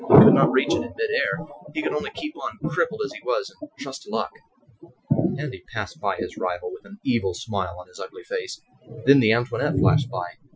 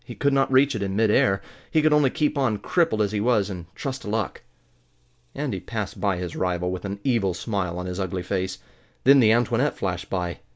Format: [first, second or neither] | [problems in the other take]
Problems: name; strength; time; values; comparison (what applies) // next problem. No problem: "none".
second | noise reduction (classical method Wiener filter)